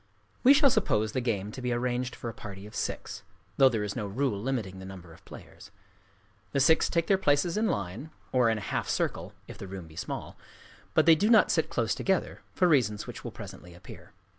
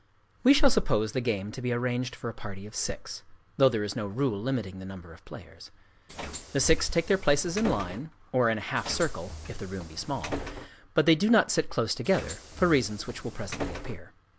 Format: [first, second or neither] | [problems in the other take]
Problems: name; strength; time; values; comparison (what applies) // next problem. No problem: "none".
first | background sound (Bus); 11 dB below the speech